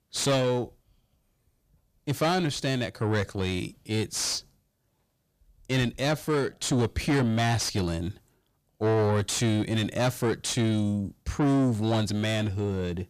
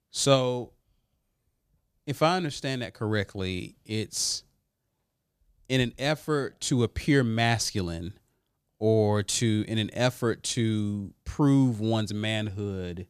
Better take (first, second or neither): second